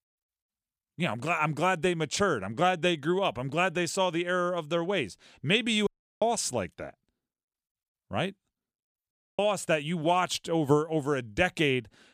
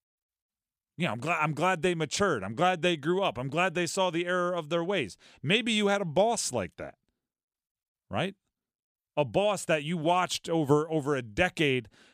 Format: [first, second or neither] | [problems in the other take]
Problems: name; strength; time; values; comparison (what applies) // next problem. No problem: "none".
second | audio cutting out; at 6 s and at 9 s